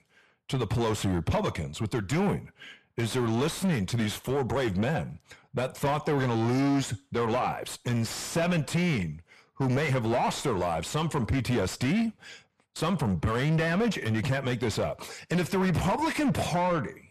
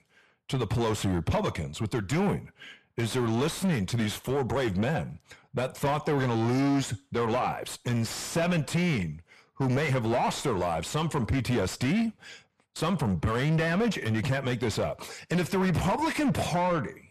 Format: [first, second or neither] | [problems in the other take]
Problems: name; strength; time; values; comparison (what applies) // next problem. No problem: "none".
neither | distortion; heavy; 7 dB below the speech; the same in both